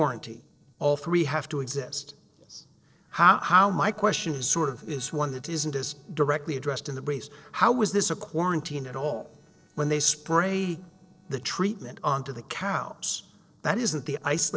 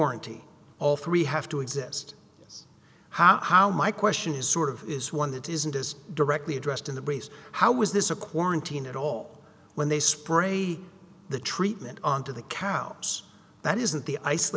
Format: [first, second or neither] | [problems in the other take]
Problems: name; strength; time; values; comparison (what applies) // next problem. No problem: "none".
second | noise reduction (neural separator model SepFormer DNS4)